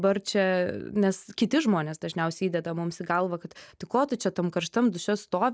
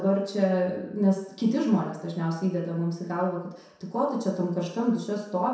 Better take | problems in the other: first | room echo; dies away in 0.7 s

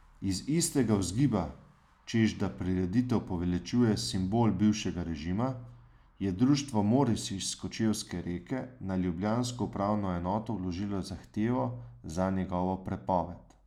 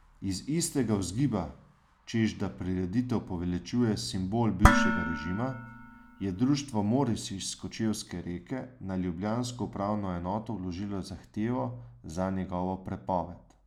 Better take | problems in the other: first | background sound (Dishes, pots, and pans); 1 dB above the speech

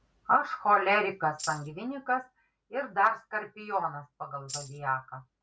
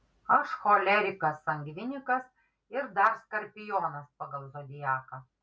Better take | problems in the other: second | background sound (Tambourine); 12 dB below the speech

